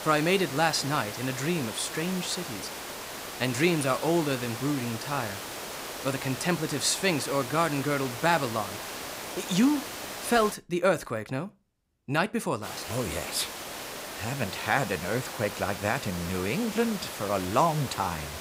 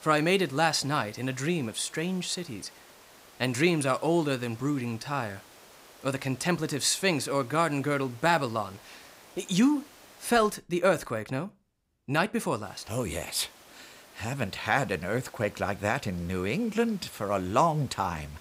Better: second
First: hiss; loud; until 11 s and from 13 s on; 8 dB below the speech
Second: hiss; faint; until 11 s and from 13 s on; 25 dB below the speech

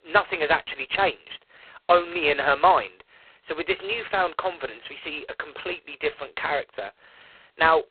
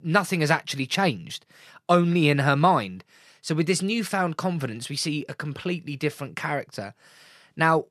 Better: second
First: phone-call audio; poor line; nothing above 4 kHz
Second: none

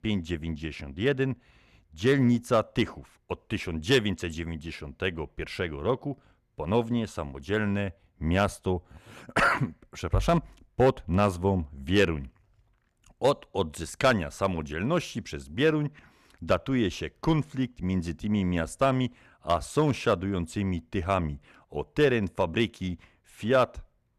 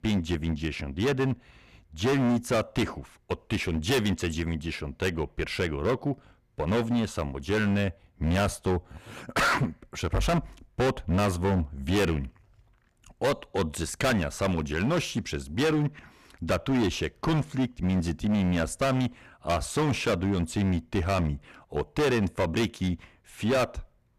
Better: first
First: none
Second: distortion; heavy; 13% of the sound clipped

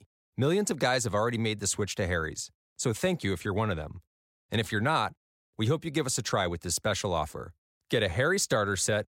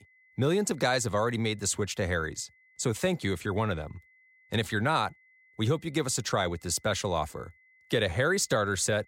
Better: first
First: none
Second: high-pitched whine; faint; throughout; 2 kHz, 30 dB below the speech

